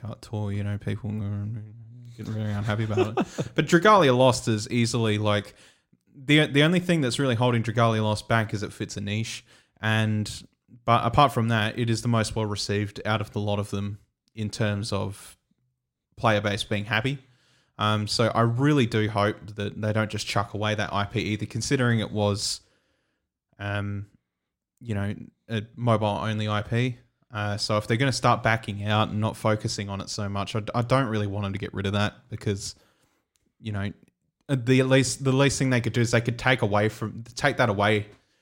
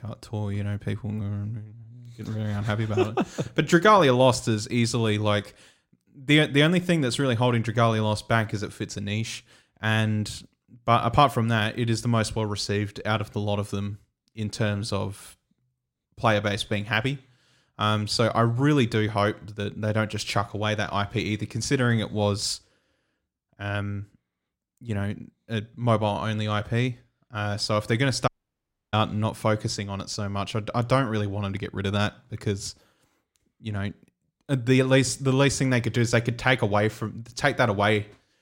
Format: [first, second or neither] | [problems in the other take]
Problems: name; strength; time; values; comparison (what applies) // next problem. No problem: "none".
first | audio cutting out; at 28 s for 0.5 s